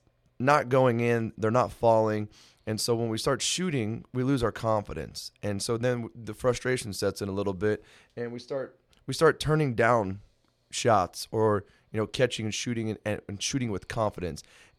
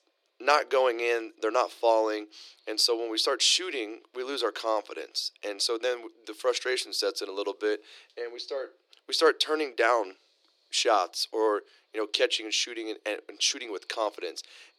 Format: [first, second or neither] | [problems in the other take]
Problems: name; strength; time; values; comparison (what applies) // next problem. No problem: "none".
first | thin; very; fading below 300 Hz